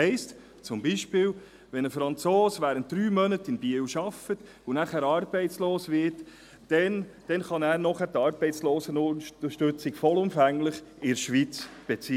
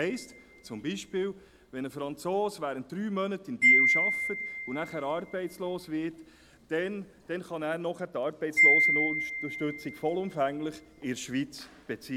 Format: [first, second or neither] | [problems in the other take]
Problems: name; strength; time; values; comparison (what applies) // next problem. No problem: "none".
first | background sound (Wind chime); 2 dB above the speech